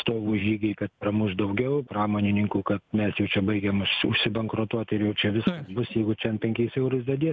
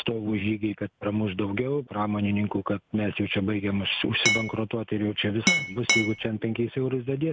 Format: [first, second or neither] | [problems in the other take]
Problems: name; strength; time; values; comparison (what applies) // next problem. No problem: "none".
first | background sound (Glass); 2 dB above the speech